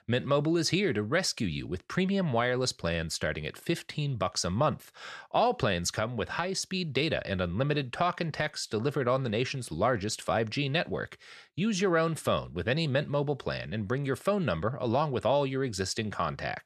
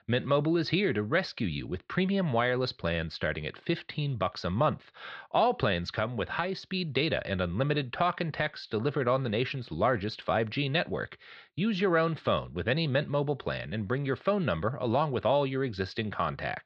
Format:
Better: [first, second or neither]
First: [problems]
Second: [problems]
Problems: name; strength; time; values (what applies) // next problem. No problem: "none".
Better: first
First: none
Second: muffled; very slightly; fading above 4 kHz